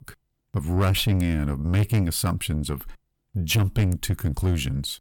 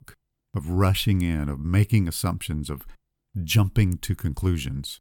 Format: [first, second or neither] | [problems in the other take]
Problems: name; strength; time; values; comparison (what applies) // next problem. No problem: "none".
second | distortion; slight; 10 dB below the speech